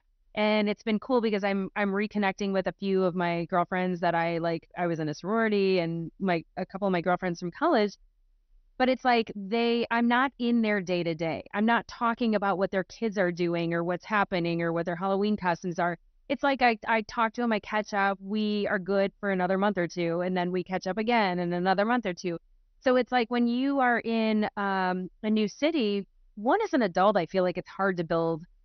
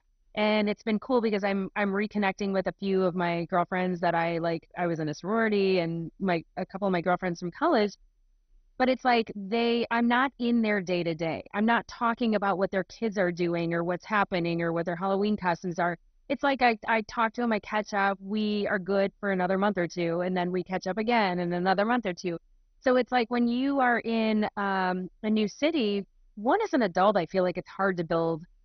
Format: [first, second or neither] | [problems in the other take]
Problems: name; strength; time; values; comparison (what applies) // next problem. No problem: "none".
first | garbled, watery; badly; nothing above 6 kHz; slightly in the first